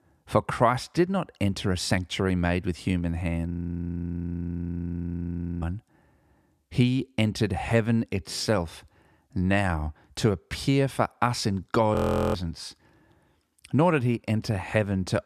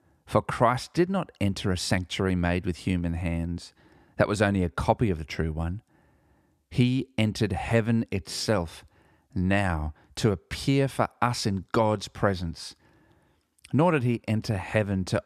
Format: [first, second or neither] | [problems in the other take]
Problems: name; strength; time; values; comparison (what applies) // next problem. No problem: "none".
second | audio freezing; at 3.5 s for 2 s and at 12 s